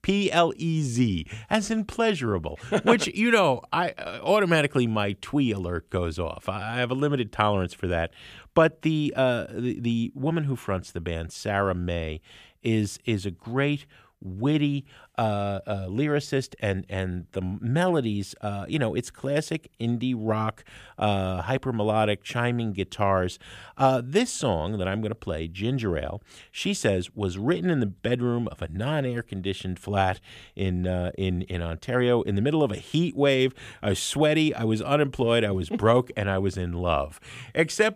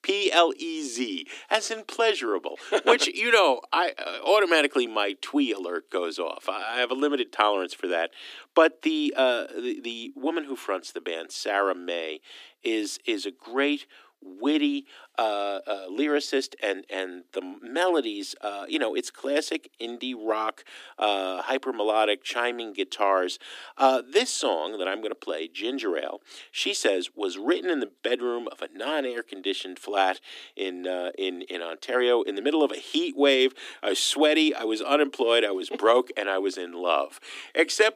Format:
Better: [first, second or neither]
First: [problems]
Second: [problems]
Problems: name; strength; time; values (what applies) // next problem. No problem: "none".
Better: first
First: none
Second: thin; somewhat; fading below 250 Hz